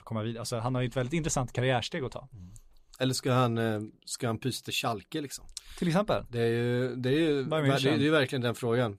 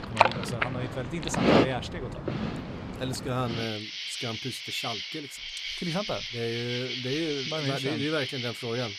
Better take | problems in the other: first | animal sounds; very loud; throughout; 2 dB above the speech

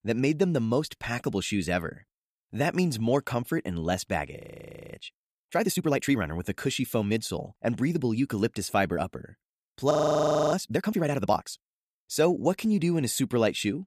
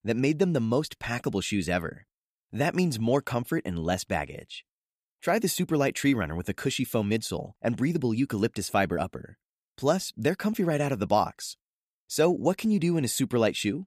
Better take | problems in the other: second | audio freezing; at 4.5 s for 0.5 s and at 10 s for 0.5 s

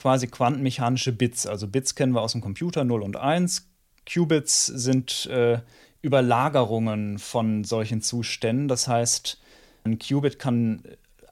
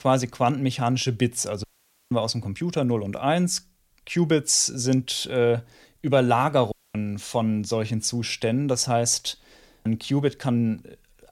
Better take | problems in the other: first | audio cutting out; at 1.5 s and at 6.5 s

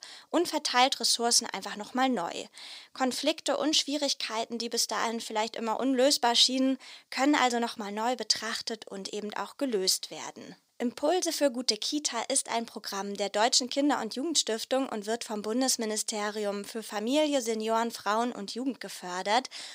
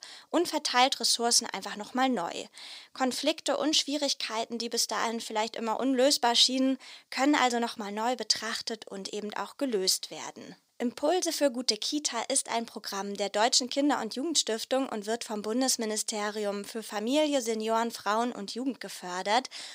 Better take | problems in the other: neither | thin; very slightly; fading below 350 Hz; the same in both

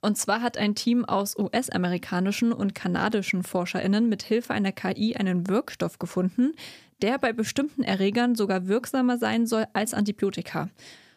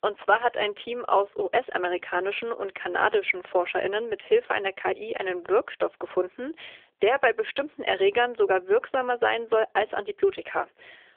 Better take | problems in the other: first | phone-call audio

